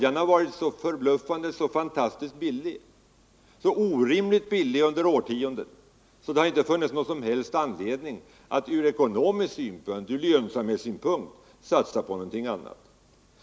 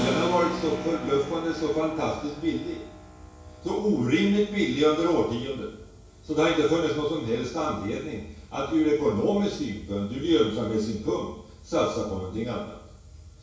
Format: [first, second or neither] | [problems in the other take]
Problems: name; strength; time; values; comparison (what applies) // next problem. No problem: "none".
first | background sound (Keyboard (musical)); 14 dB below the speech // room echo; dies away in 0.6 s